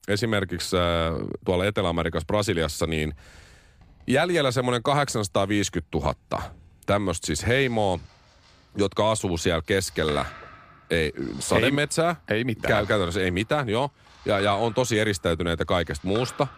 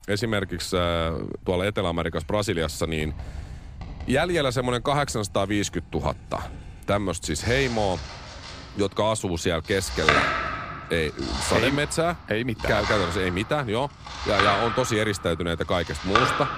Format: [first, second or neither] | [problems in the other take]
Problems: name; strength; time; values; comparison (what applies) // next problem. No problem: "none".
first | household noises; loud; throughout; 3 dB below the speech; faint in the first